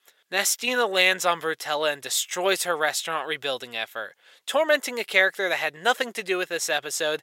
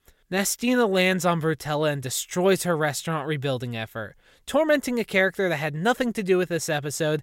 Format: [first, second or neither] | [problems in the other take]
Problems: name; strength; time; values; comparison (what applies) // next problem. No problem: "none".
second | thin; very; fading below 550 Hz